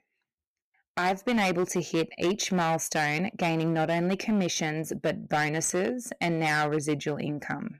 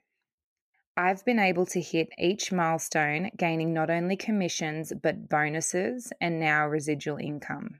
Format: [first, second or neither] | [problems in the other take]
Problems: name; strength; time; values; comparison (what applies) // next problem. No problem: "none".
second | distortion; slight; 10% of the sound clipped